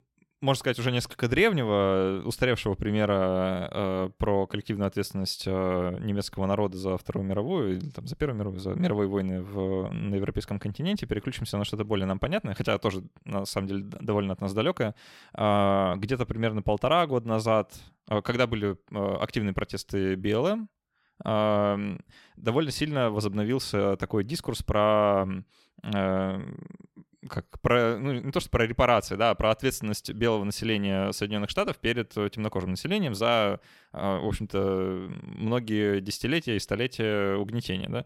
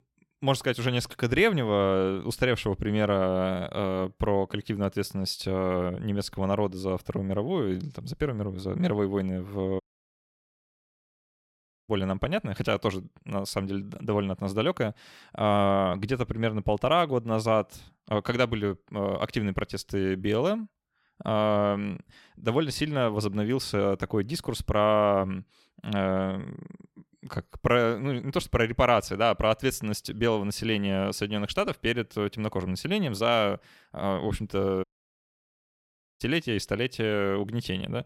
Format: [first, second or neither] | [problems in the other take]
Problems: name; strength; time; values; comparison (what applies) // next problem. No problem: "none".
first | audio cutting out; at 10 s for 2 s and at 35 s for 1.5 s